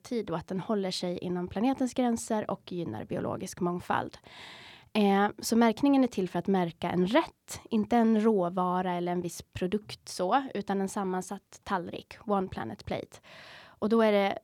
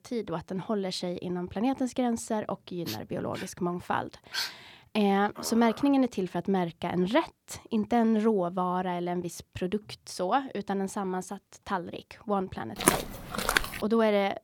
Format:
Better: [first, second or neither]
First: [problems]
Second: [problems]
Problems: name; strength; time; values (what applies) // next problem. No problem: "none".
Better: first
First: none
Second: dog barking; noticeable; from 3 to 6 s; peak 3 dB below the speech // footsteps; loud; at 13 s; peak 4 dB above the speech